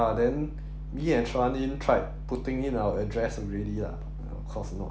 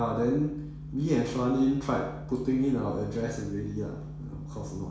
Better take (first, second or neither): first